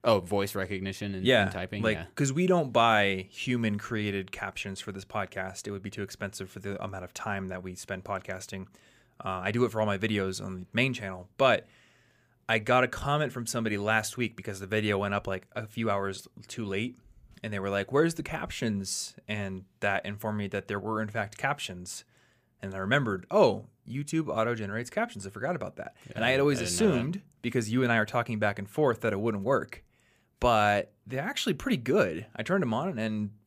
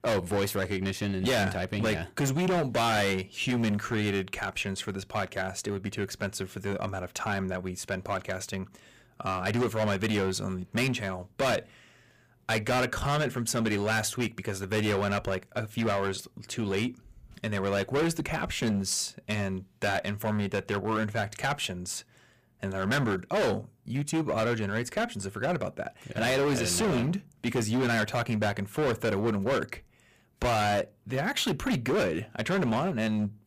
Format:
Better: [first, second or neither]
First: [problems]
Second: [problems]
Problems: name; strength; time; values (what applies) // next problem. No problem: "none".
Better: first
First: none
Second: distortion; heavy; 14% of the sound clipped